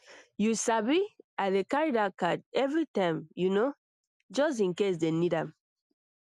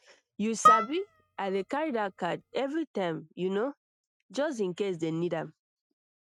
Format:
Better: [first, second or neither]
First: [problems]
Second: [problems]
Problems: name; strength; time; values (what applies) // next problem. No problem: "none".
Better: first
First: none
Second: noise reduction (neural mask model RNNoise)